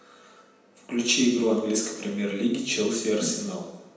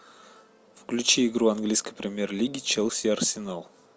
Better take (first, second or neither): second